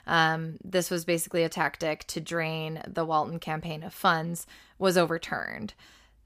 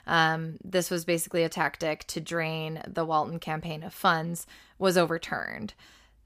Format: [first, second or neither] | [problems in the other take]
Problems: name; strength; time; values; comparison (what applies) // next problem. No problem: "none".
neither | none